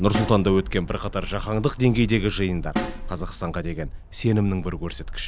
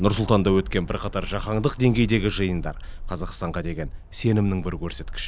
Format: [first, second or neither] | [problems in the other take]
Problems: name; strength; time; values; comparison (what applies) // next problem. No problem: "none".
second | background sound (Snare drum); 12 dB below the speech